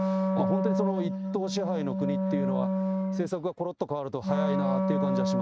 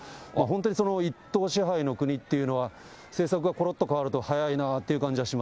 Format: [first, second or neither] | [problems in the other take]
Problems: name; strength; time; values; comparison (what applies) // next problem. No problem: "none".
second | noise reduction (neural mask model RNNoise)